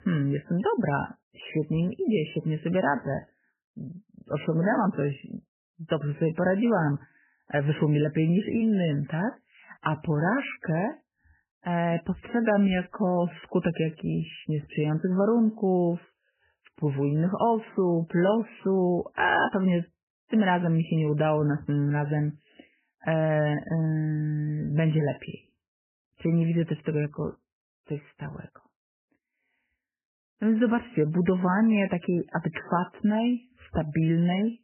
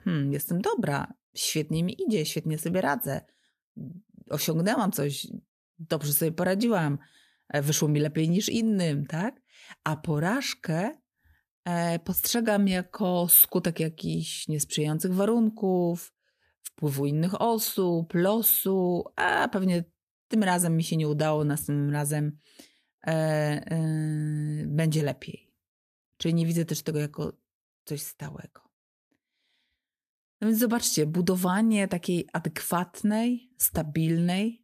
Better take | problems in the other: second | garbled, watery; badly; nothing above 3 kHz

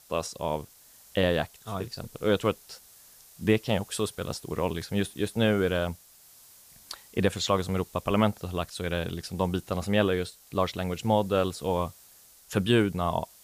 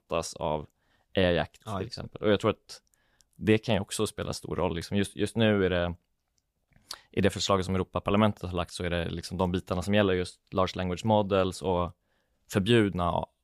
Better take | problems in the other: second | hiss; faint; throughout; 25 dB below the speech

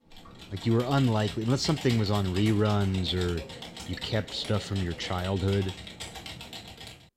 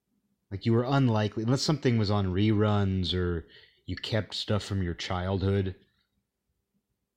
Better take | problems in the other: second | keyboard typing; noticeable; peak 9 dB below the speech

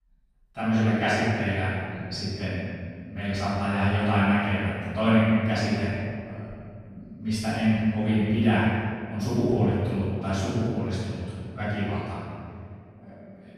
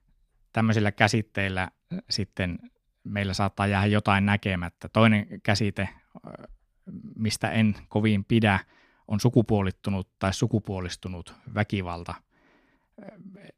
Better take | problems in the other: second | off-mic speech; far // room echo; strong; dies away in 2.1 s

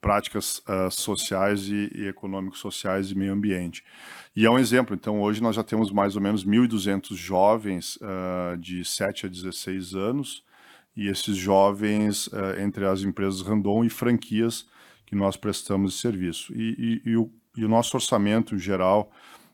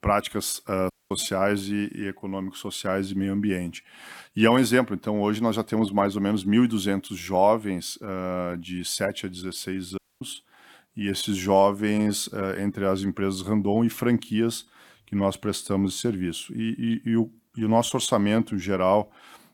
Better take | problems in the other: first | audio cutting out; at 1 s and at 10 s

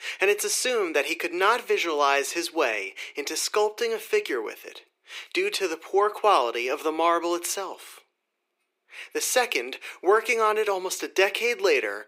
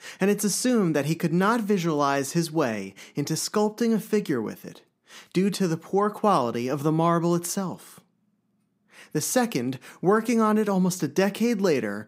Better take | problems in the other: second | thin; very; fading below 350 Hz

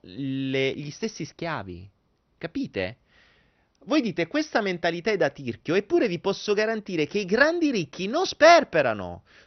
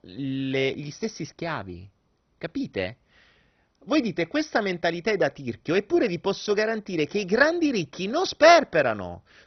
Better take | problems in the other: first | garbled, watery; badly; nothing above 6 kHz; slightly in the first

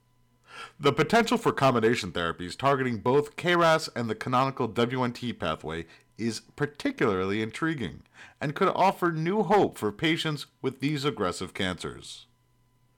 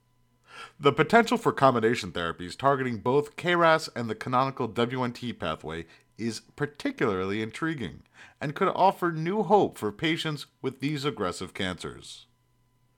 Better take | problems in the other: second | distortion; slight; 1.9% of the sound clipped

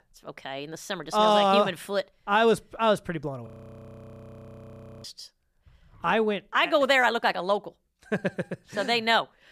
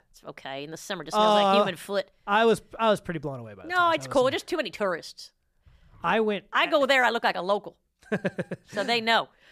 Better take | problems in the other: second | audio freezing; at 3.5 s for 1.5 s

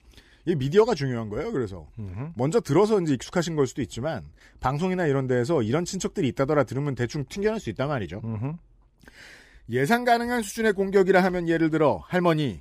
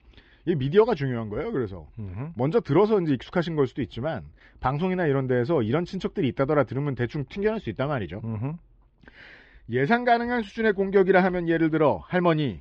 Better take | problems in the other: first | muffled; slightly; fading above 4 kHz

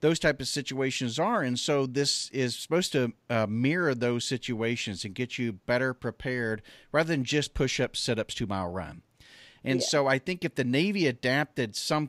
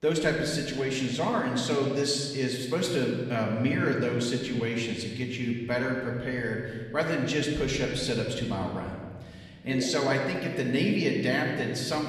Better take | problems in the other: first | room echo; noticeable; dies away in 1.6 s // off-mic speech; somewhat distant

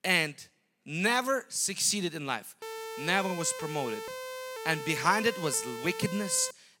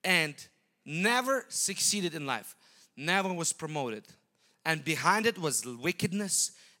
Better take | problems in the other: second | siren; noticeable; from 2.5 s on; peak 9 dB below the speech

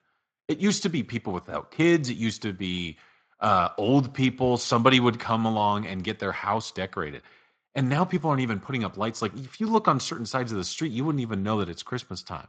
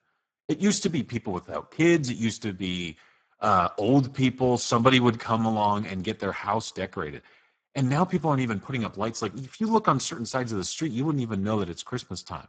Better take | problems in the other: first | garbled, watery; badly; nothing above 7.5 kHz; slightly in the first

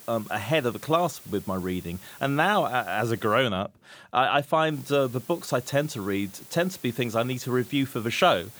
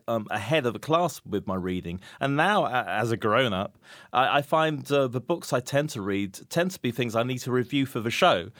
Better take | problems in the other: second | hiss; noticeable; until 3.5 s and from 4.5 s on; 20 dB below the speech

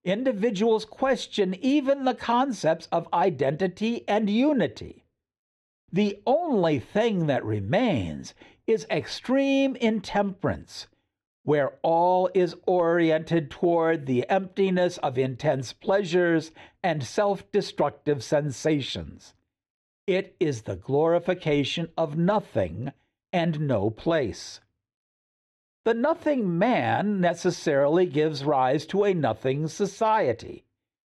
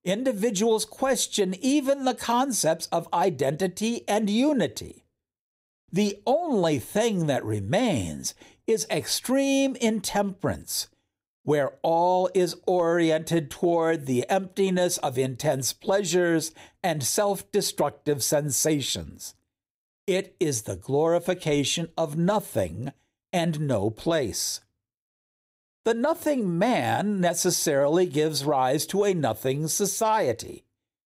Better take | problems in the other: second | muffled; slightly; fading above 2.5 kHz

